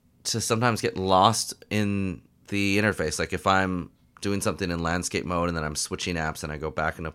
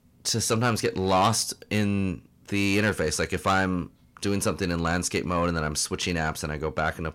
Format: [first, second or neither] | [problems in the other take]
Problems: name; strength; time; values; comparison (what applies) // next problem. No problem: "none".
first | distortion; slight; 10 dB below the speech